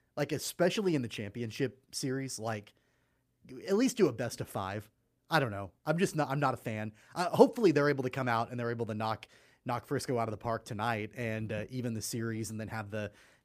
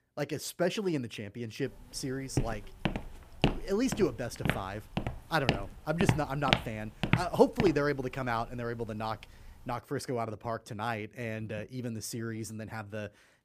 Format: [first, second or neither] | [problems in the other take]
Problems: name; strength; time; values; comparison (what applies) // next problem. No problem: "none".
first | footsteps; loud; from 2.5 to 7.5 s; peak 4 dB above the speech